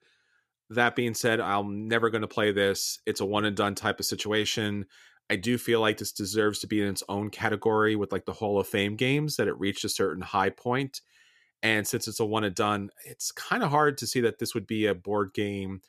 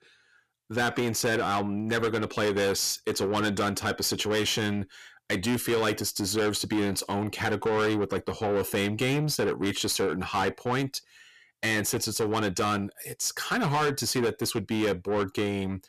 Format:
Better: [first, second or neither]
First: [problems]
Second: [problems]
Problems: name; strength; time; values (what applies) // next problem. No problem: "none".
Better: first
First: none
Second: distortion; heavy; 7 dB below the speech